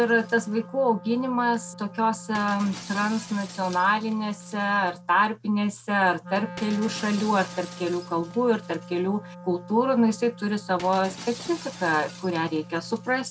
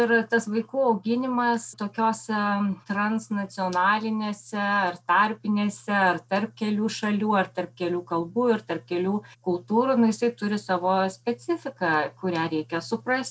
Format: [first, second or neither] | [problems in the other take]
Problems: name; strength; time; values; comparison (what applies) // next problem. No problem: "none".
second | background sound (Wind instrument, woodwind instrument + Shatter); 16 dB below the speech